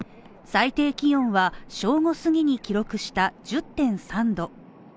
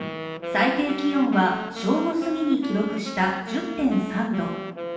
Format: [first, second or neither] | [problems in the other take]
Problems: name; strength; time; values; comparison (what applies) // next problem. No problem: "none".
first | background sound (Wind instrument, woodwind instrument); 9 dB below the speech // room echo; dies away in 0.9 s